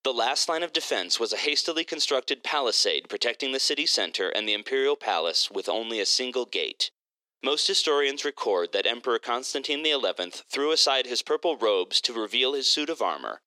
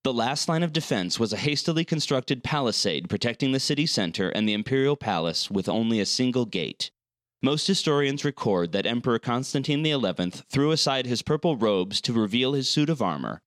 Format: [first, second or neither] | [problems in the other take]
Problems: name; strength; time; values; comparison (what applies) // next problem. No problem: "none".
second | thin; very; fading below 350 Hz